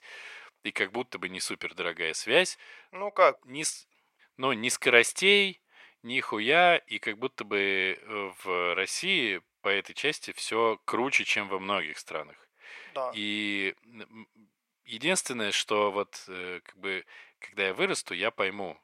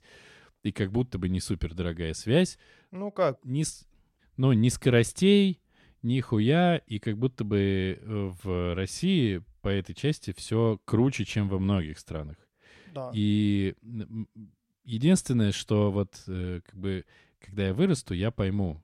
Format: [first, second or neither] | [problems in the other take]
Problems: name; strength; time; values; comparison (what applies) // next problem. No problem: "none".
second | thin; very; fading below 650 Hz